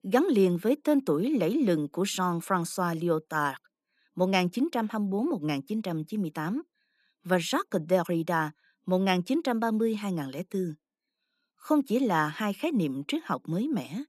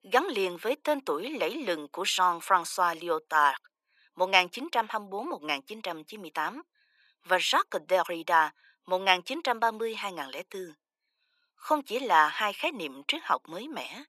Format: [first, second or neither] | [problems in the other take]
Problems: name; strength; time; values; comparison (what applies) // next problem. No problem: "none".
first | thin; very; fading below 550 Hz